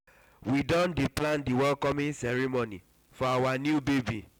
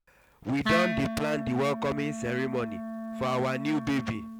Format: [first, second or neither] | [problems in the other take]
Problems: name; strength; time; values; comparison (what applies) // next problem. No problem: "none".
first | background sound (Wind instrument, woodwind instrument); 4 dB below the speech